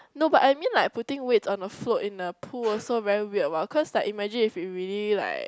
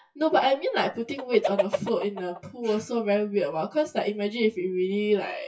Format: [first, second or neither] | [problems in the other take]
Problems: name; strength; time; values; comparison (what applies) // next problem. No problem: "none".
first | noise reduction (classical method WPE with log-MMSE)